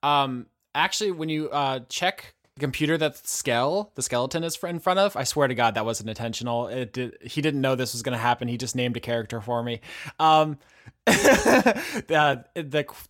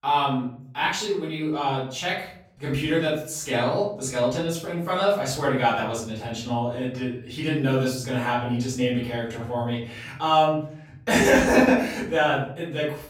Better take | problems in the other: first | off-mic speech; far // room echo; noticeable; dies away in 0.6 s

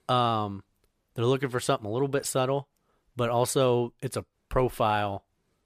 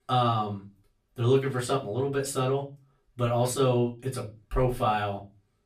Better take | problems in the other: first | off-mic speech; far // room echo; very slight; dies away in 0.3 s

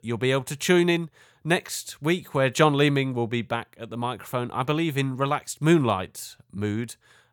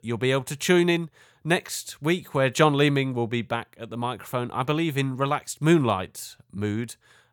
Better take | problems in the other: neither | none

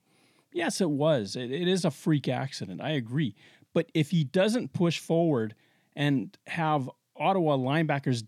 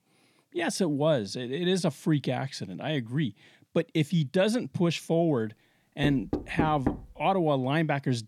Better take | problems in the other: first | door banging; noticeable; at 6 s; peak 2 dB below the speech

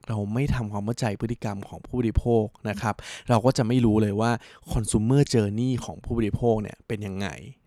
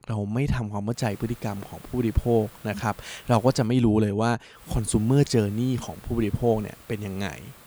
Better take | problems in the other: first | hiss; faint; from 1 to 3.5 s and from 4.5 s on; 20 dB below the speech

